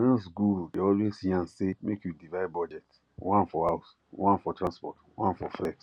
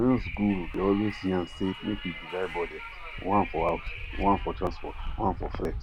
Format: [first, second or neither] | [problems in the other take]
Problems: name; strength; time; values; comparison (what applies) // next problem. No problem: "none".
first | background sound (Wind); 8 dB below the speech